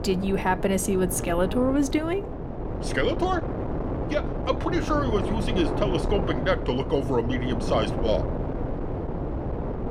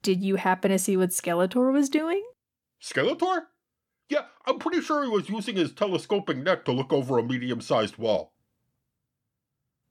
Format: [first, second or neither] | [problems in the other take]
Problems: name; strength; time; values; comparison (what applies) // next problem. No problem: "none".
second | wind noise on the microphone; heavy; 6 dB below the speech